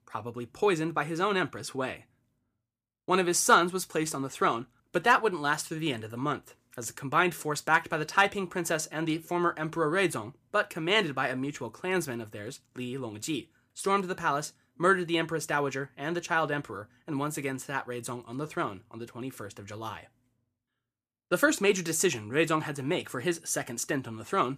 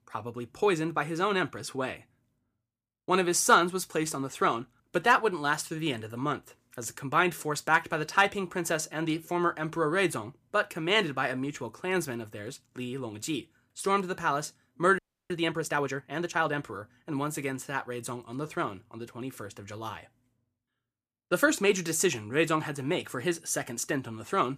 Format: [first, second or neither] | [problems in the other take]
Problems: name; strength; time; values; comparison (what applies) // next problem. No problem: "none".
first | audio freezing; at 15 s